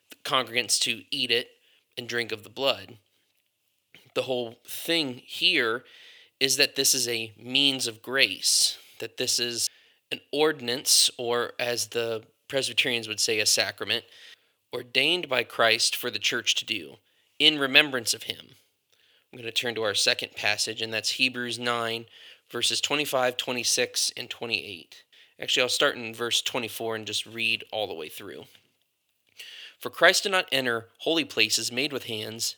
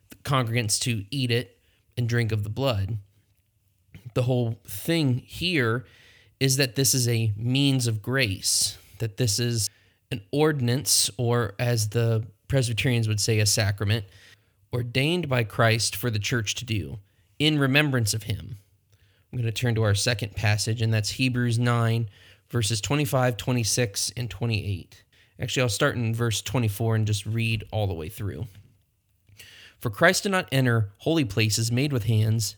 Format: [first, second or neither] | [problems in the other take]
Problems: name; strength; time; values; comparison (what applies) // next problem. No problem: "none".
second | thin; very; fading below 450 Hz